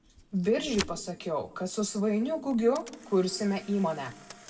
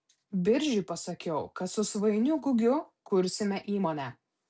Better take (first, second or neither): second